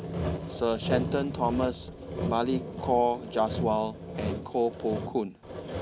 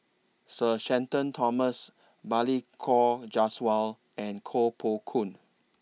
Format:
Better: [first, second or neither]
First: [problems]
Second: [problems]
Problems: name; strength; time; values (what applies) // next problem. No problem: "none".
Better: second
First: background sound (Sawing); 5 dB below the speech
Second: none